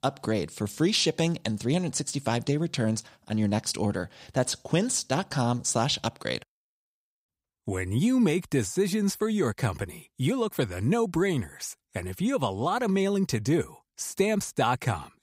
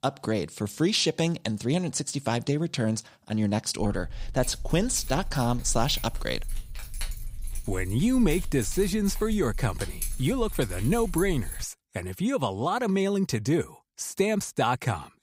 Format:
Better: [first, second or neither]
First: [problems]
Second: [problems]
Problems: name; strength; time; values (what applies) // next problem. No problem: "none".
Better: first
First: none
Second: jangling keys; noticeable; from 4 to 12 s; peak 7 dB below the speech